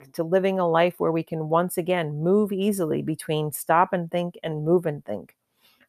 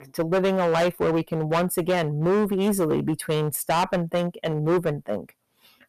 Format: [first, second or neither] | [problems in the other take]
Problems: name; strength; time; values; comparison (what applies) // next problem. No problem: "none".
first | distortion; heavy; 13% of the sound clipped